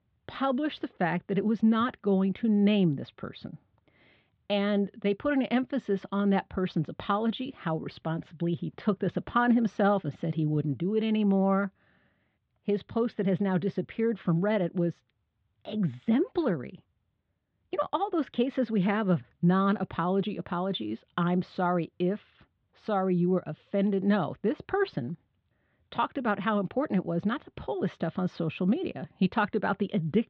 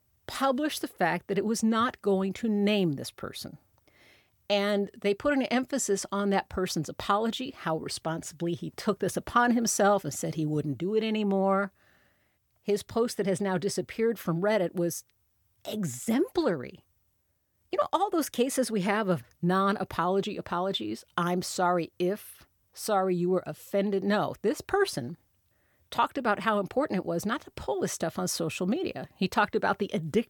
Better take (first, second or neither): second